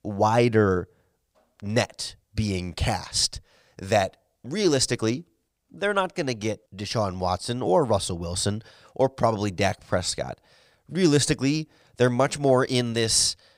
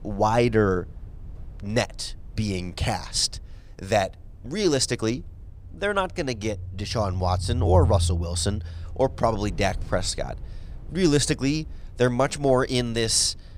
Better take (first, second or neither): first